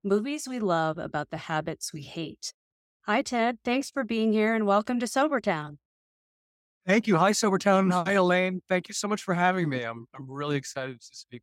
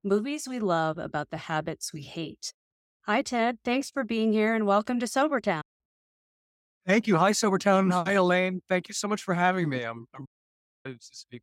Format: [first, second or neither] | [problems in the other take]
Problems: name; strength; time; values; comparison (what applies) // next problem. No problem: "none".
first | audio cutting out; at 5.5 s and at 10 s for 0.5 s